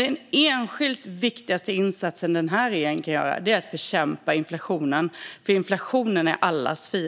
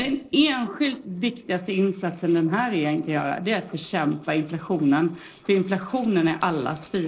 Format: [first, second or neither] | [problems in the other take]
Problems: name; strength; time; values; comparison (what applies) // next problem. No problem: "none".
first | noise reduction (neural separator model SepFormer DNS4)